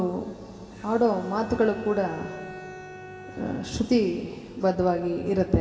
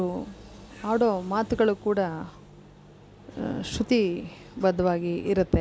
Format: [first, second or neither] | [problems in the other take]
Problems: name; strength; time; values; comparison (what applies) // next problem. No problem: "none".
second | background sound (Bowed string instrument); 16 dB below the speech // room echo; dies away in 2.7 s